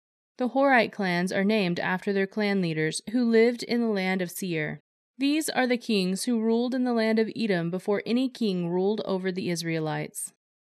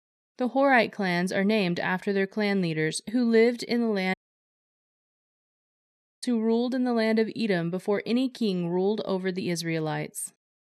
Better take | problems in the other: first | audio cutting out; at 4 s for 2 s

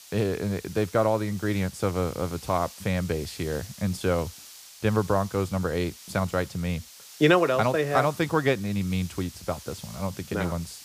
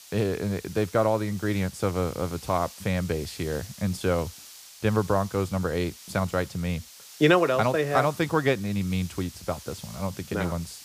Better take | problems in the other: neither | hiss; noticeable; throughout; 15 dB below the speech; the same in both

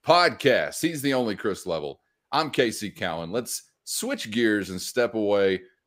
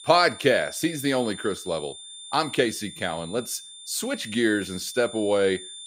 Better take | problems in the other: first | high-pitched whine; noticeable; throughout; 3.5 kHz, 15 dB below the speech

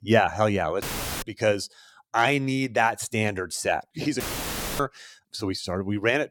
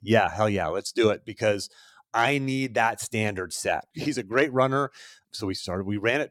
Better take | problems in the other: second | audio cutting out; filled with static; at 1 s and at 4 s for 0.5 s

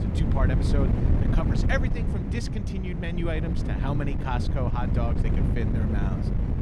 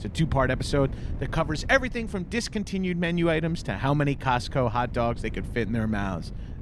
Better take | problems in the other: second | wind noise on the microphone; heavy; 2 dB below the speech; occasional gusts in the second

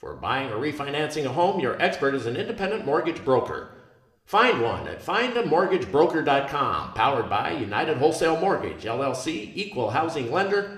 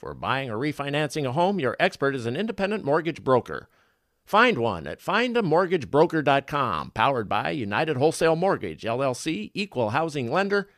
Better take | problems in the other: second | room echo; slight; dies away in 0.8 s

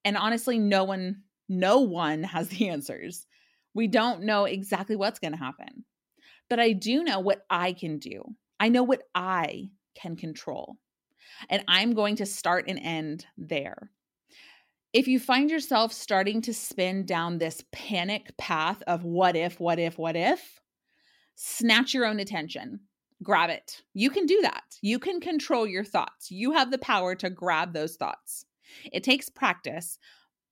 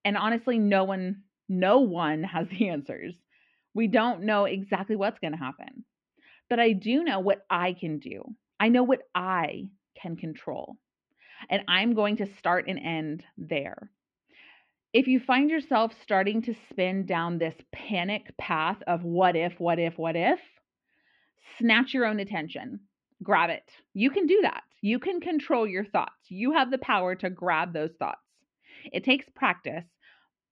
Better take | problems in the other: first | muffled; very; fading above 2.5 kHz

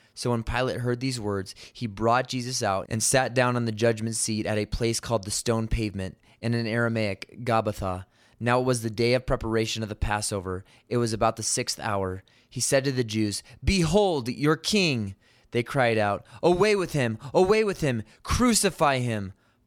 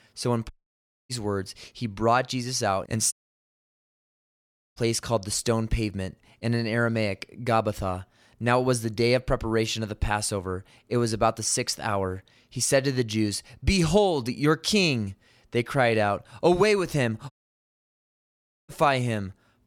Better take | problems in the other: first | audio cutting out; at 0.5 s for 0.5 s, at 3 s for 1.5 s and at 17 s for 1.5 s

